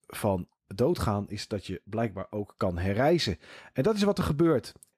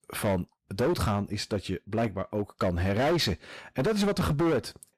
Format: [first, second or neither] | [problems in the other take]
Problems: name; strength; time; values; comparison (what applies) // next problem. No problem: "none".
first | distortion; heavy; 14% of the sound clipped